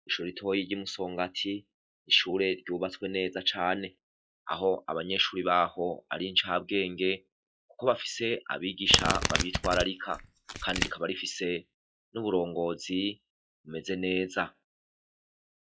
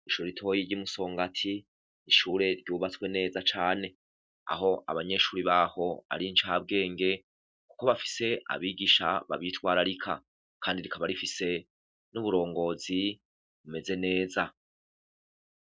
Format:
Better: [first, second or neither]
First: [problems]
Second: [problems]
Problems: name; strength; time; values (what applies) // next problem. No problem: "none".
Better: second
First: noise reduction (classical method log-MMSE)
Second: none